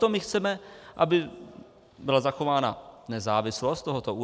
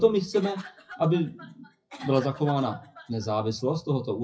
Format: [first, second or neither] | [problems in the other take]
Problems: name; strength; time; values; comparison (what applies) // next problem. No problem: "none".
first | noise reduction (classical method WPE with log-MMSE)